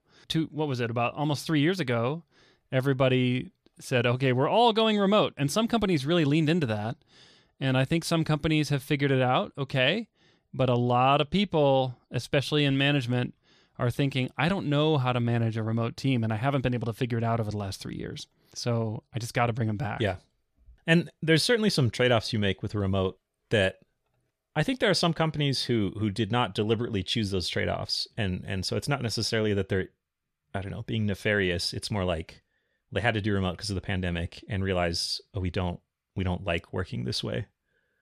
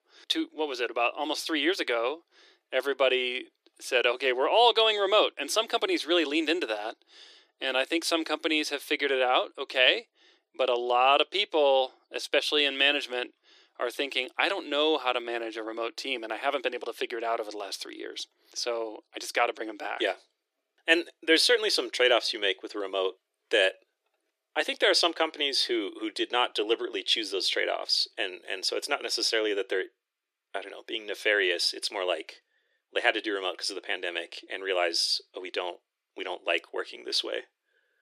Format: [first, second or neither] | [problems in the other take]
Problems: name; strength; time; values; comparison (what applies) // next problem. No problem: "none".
first | thin; very; fading below 350 Hz